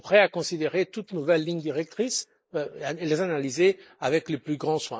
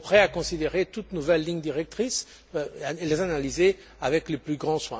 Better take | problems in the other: second | noise reduction (neural mask model Resemble Enhance denoiser)

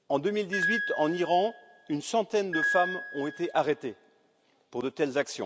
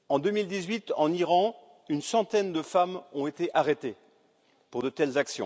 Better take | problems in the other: second | background sound (Piano); 5 dB below the speech

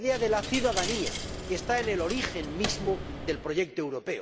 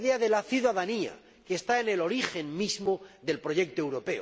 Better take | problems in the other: second | background sound (Coin (dropping)); 5 dB below the speech

